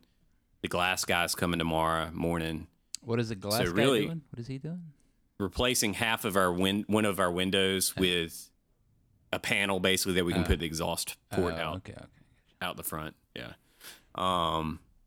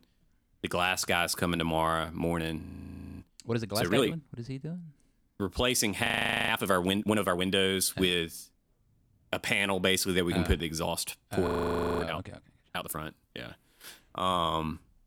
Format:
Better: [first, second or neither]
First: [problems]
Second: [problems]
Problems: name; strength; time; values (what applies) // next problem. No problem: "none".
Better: first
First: none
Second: audio freezing; at 2.5 s for 0.5 s, at 6 s and at 11 s for 0.5 s